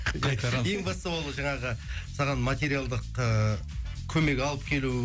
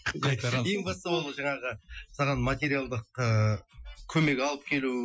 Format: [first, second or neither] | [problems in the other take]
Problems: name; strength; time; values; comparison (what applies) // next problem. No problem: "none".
first | noise reduction (classical method Wiener filter)